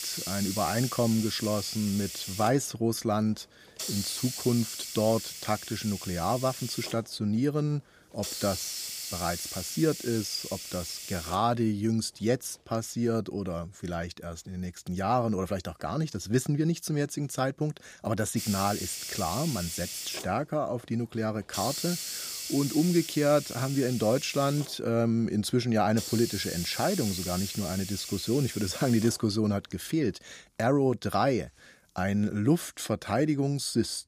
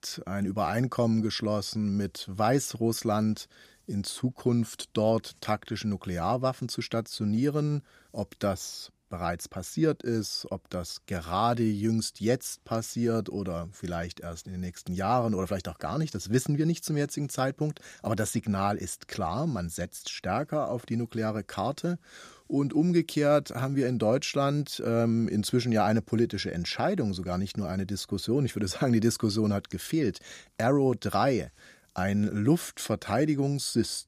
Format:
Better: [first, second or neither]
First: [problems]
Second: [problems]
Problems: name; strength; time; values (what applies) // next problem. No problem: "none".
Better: second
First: hiss; loud; until 13 s and from 18 to 30 s; 6 dB below the speech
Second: none